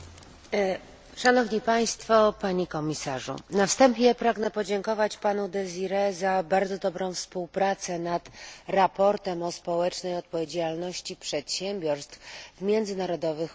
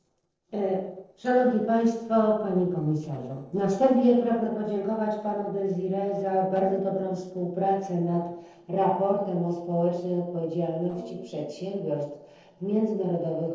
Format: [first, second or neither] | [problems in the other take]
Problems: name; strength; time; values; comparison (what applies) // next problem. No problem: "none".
first | noise reduction (neural separator model SepFormer DNS4)